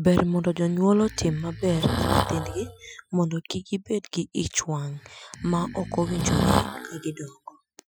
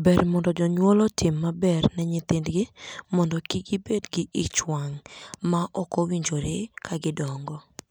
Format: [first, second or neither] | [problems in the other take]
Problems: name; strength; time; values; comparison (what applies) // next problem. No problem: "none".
second | noise reduction (classical method Wiener filter)